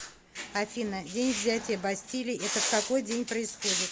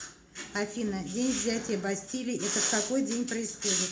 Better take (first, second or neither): first